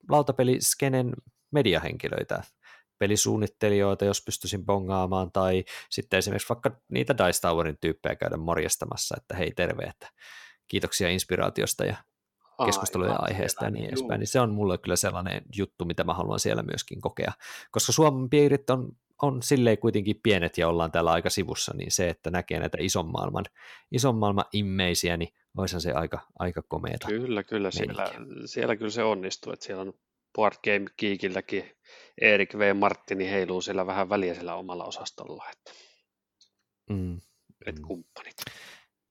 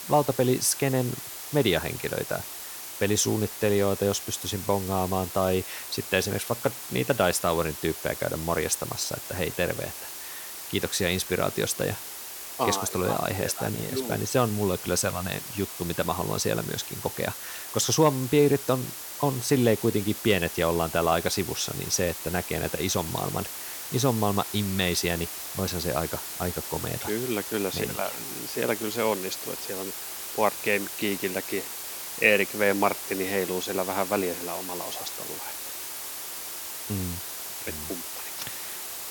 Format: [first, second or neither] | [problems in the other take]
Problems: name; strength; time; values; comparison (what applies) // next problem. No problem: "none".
first | hiss; loud; throughout; 7 dB below the speech